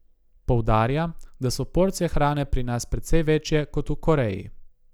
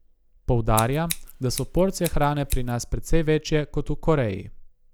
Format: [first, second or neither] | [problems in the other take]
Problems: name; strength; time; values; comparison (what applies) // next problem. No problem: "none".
first | background sound (Scissors); 13 dB below the speech